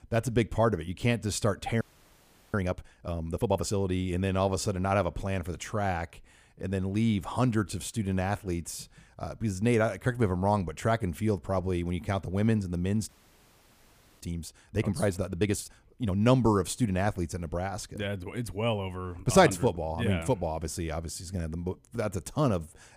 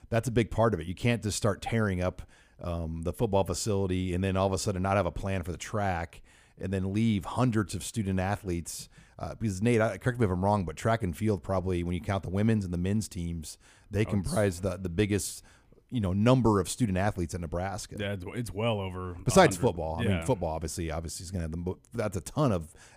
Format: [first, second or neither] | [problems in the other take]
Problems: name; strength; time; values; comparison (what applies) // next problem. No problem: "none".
second | audio freezing; at 2 s for 0.5 s and at 13 s for 1 s